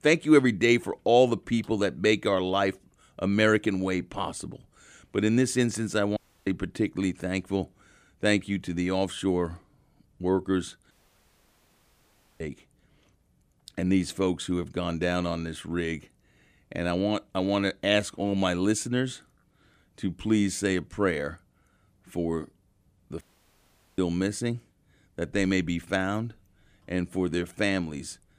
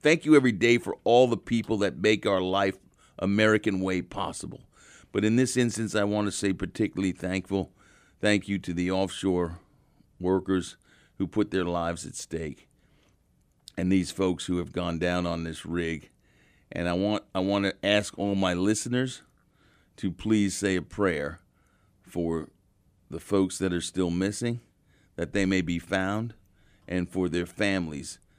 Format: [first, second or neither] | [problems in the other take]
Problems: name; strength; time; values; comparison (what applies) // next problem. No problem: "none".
second | audio cutting out; at 6 s, at 11 s for 1.5 s and at 23 s for 1 s